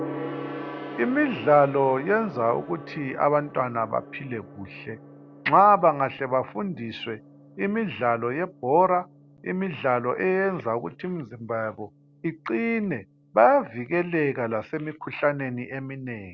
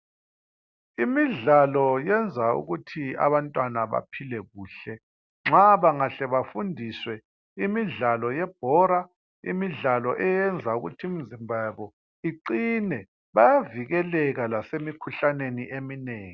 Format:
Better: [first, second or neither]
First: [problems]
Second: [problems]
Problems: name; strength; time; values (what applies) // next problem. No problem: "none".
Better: second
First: background sound (Gong); 17 dB below the speech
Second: none